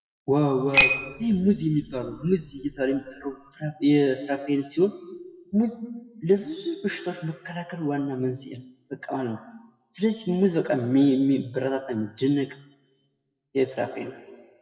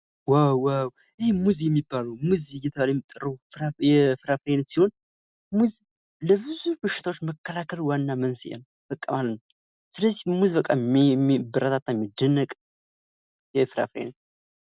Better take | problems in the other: second | noise reduction (classical method WPE with log-MMSE)

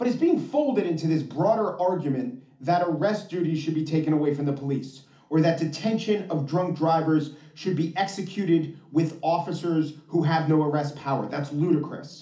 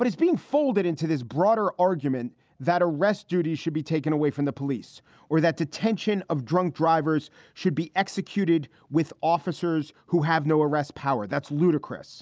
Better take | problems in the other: second | room echo; dies away in 0.4 s

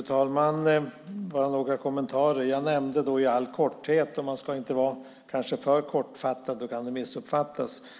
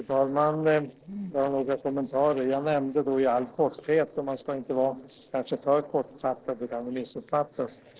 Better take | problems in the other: first | noise reduction (neural separator model SepFormer DNS4)

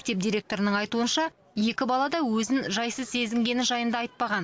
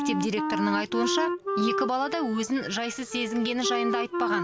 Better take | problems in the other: first | background sound (Wind instrument, woodwind instrument); 1 dB below the speech

